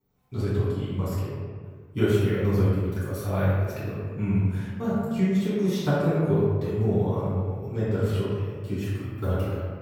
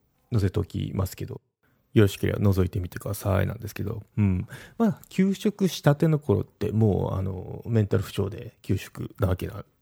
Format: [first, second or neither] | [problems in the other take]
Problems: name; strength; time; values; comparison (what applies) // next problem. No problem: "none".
second | room echo; strong; dies away in 1.5 s // off-mic speech; far